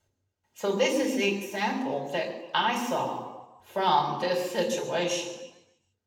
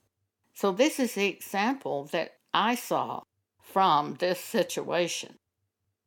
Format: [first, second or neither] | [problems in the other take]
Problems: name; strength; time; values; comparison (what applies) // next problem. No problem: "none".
second | room echo; noticeable; dies away in 1 s // off-mic speech; far